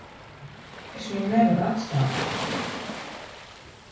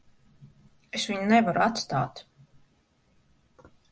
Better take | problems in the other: second | background sound (Waves, surf); 7 dB below the speech // room echo; dies away in 0.6 s

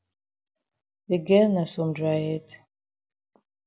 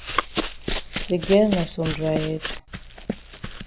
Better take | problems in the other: first | background sound (Run); 4 dB below the speech

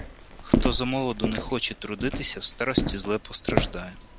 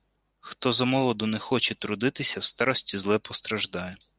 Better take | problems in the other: second | background sound (Walk, footsteps); 2 dB above the speech

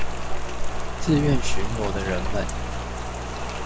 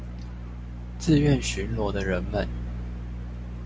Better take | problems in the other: second | background sound (Rain); 3 dB above the speech

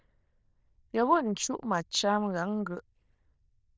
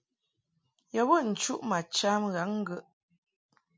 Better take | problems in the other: second | noise reduction (neural diffusion model UNIVERSE++)

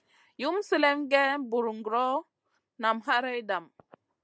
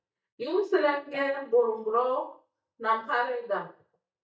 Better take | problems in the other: first | noise reduction (neural mask model DeepFilterNet 3)

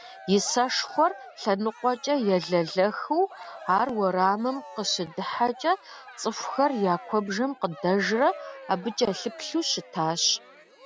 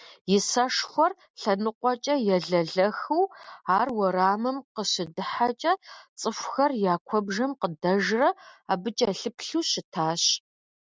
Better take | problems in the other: second | background sound (Cheering); 18 dB below the speech

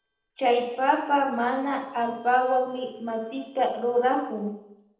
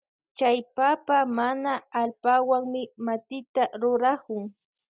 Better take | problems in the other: second | noise reduction (neural separator model SepFormer DNS4)

